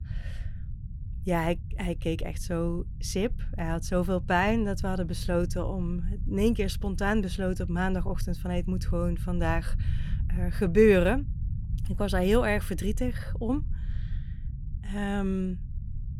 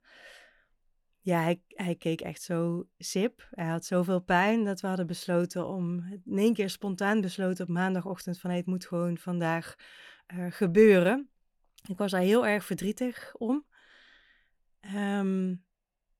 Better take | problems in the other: second | low rumble; faint; throughout; 20 dB below the speech

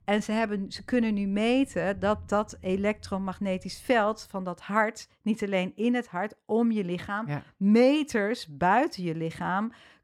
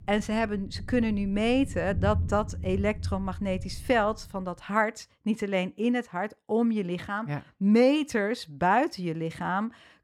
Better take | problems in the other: first | rain or running water; loud; until 4 s; 9 dB below the speech; faint in the first

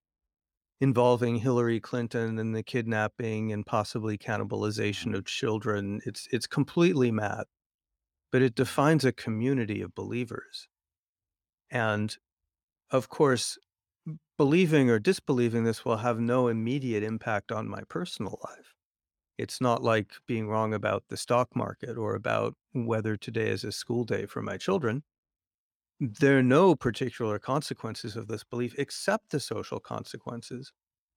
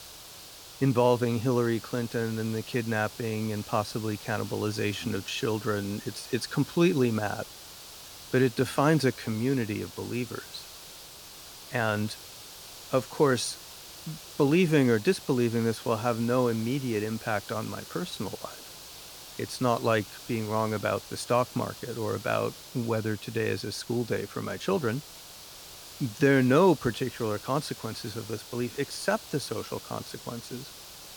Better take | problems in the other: first | hiss; noticeable; throughout; 15 dB below the speech

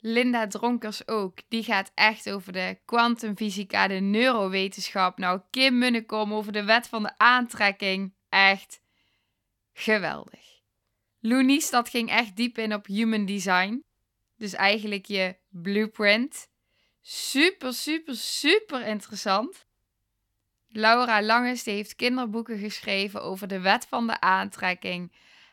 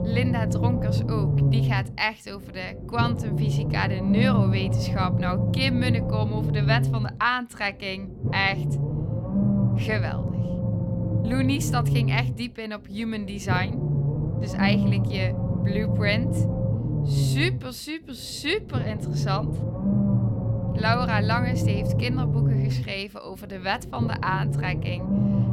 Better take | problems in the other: first | low rumble; loud; throughout; 5 dB below the speech

